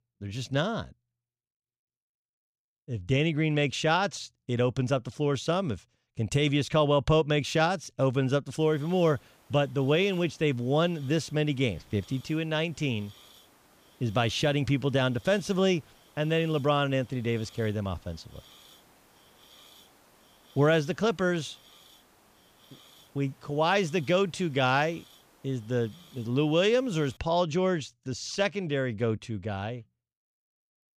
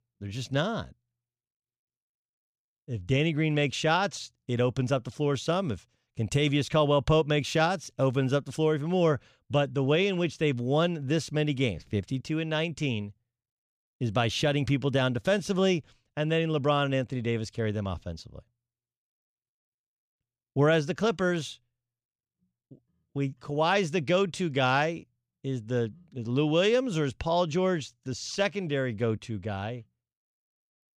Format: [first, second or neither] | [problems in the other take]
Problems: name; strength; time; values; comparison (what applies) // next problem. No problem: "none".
second | hiss; faint; from 8.5 to 27 s; 25 dB below the speech